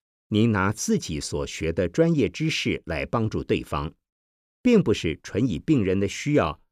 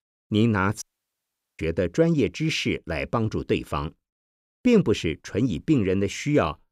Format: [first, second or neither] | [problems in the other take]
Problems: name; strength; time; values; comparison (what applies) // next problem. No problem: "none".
first | audio cutting out; at 1 s for 1 s